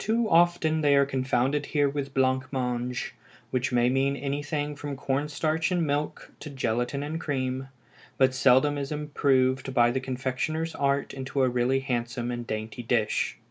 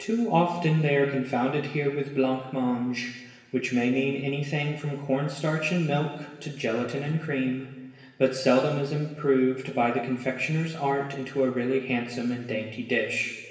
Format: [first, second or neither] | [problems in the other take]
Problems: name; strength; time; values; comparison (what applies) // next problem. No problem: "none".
first | room echo; dies away in 1.2 s